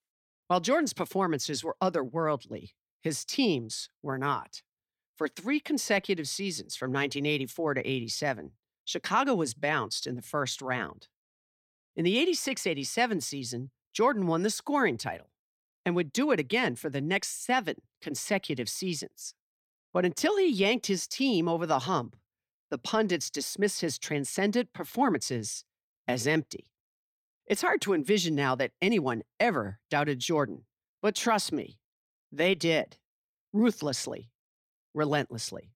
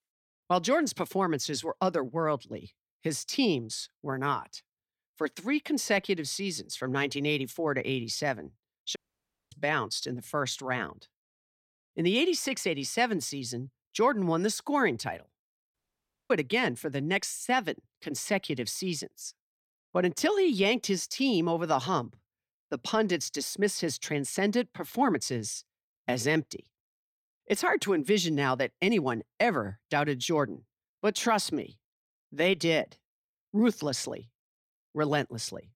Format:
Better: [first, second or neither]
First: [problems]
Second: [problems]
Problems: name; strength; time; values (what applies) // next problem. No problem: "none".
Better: first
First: none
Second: audio cutting out; at 9 s for 0.5 s and at 16 s for 0.5 s